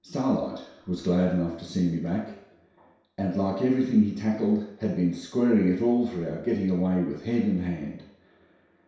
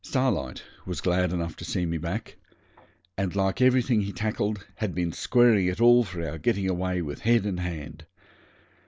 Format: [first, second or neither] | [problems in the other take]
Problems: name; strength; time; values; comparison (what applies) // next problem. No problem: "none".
second | room echo; dies away in 0.7 s